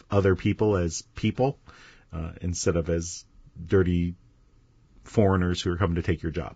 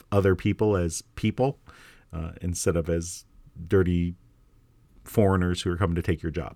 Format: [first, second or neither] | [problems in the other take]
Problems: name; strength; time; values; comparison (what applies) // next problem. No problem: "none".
second | garbled, watery; badly; nothing above 7.5 kHz